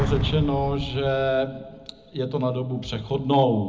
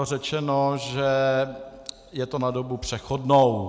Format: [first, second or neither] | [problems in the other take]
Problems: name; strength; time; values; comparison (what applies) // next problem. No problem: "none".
second | background sound (Explosion); 8 dB below the speech // room echo; dies away in 0.4 s